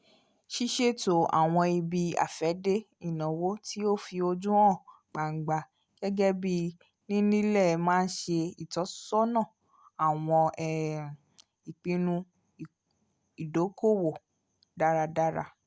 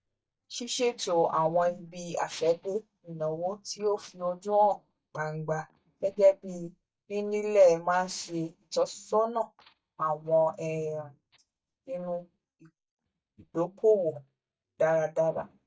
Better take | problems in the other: first | noise reduction (neural mask model DeepFilterNet 3)

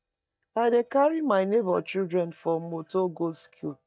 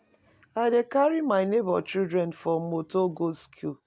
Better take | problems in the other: second | noise reduction (neural mask model DeepFilterNet 3)

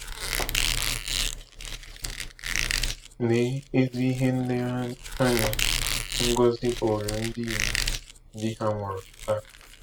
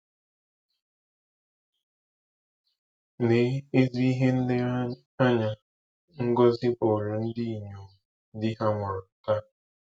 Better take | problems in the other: second | background sound (Squeak); 2 dB below the speech

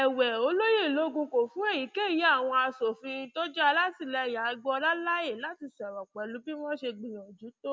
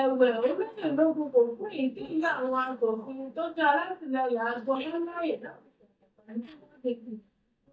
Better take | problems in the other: first | noise reduction (neural mask model DeepFilterNet 3)

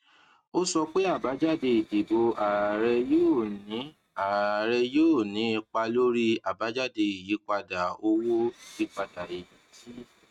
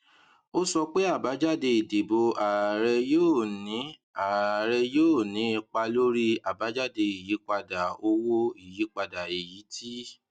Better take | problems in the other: second | noise reduction (neural mask model RNNoise)

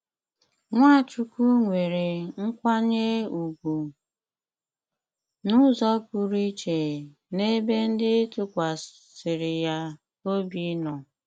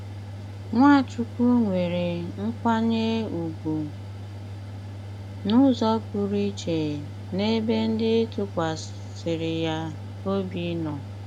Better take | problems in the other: first | background sound (Mechanical fan); 11 dB below the speech

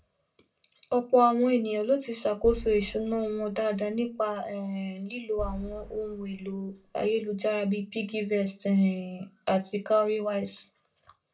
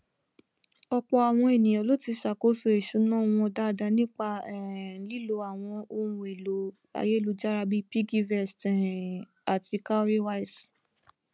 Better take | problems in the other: second | background sound (Boom); 14 dB below the speech // room echo; dies away in 0.2 s

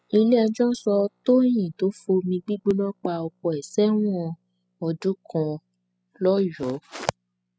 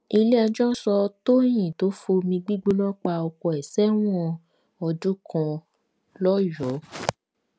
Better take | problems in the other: second | noise reduction (classical method spectral subtraction)

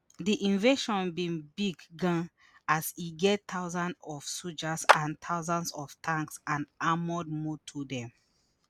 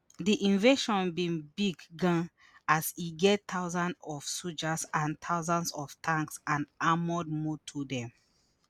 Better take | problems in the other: second | background sound (Clapping); 2 dB above the speech

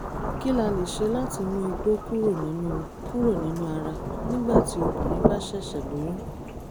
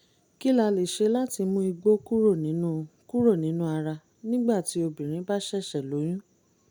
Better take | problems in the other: second | background sound (Rain / Thunderstorm); 1 dB below the speech

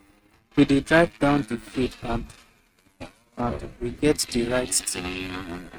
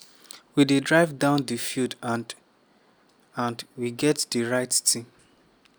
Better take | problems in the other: second | noise reduction (neural mask model RNNoise)

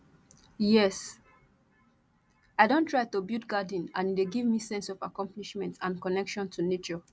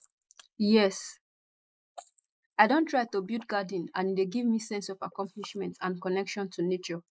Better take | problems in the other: first | noise reduction (neural mask model Resemble Enhance denoiser)

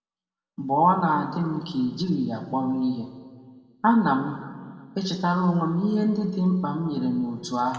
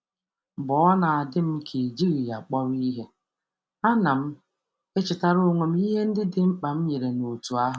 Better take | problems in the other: second | room echo; dies away in 1.4 s

